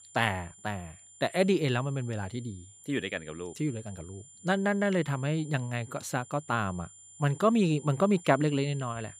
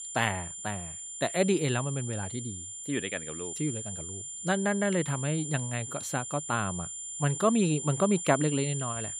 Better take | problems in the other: first | high-pitched whine; loud; throughout; 7 kHz, 6 dB below the speech; faint in the first

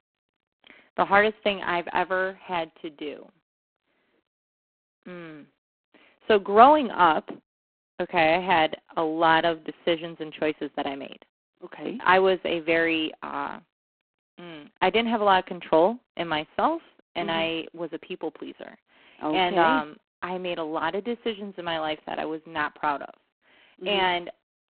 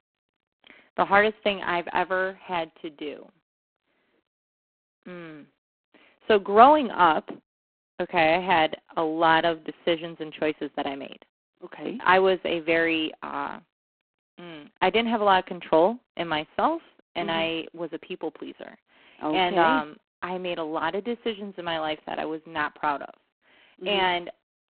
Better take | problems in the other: neither | phone-call audio; poor line; the same in both

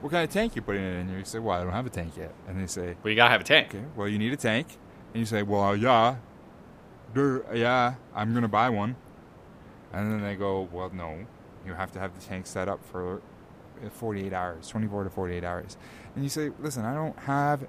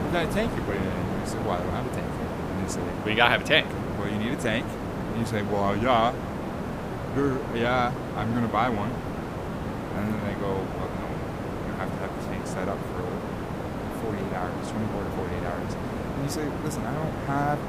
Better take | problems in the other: first | hiss; loud; throughout; 3 dB below the speech; faint in the first

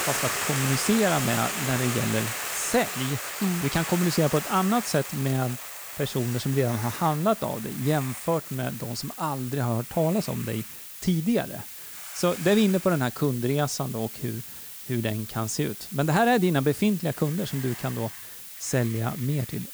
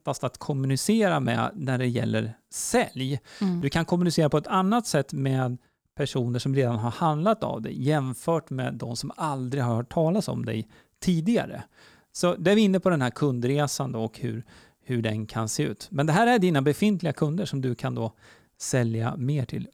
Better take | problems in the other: second | hiss; loud; throughout; 7 dB below the speech

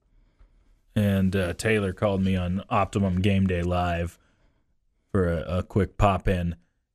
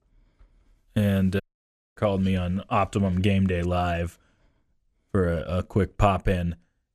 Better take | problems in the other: first | audio cutting out; at 1.5 s for 0.5 s

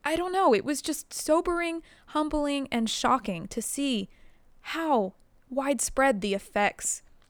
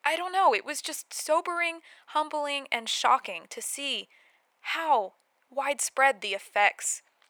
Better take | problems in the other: first | thin; very; fading below 700 Hz

